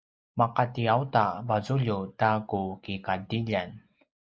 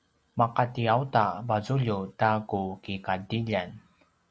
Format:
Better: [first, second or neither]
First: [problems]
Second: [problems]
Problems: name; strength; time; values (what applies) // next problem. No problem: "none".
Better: second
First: noise reduction (neural mask model Resemble Enhance denoiser)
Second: none